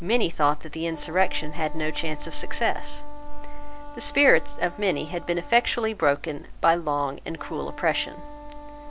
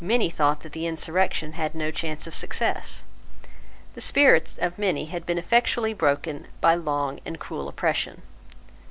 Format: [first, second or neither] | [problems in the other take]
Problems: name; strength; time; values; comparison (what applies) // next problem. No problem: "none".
second | background sound (Wind instrument, woodwind instrument); 20 dB below the speech